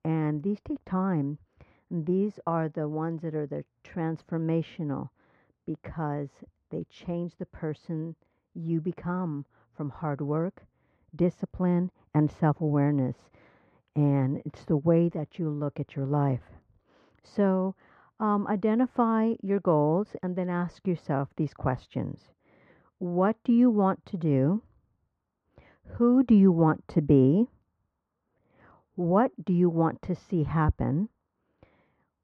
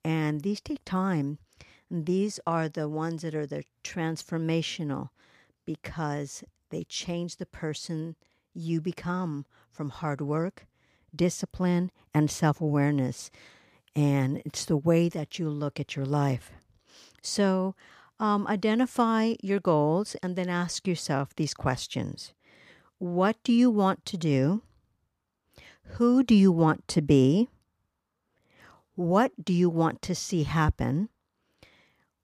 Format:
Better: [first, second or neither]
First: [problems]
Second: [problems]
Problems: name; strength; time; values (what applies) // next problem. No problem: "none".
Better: second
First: muffled; very; fading above 3.5 kHz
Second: none